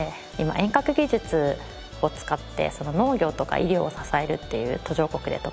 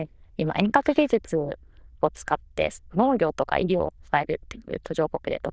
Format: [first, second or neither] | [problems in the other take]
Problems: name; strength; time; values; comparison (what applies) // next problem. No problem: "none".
first | noise reduction (neural diffusion model UNIVERSE++)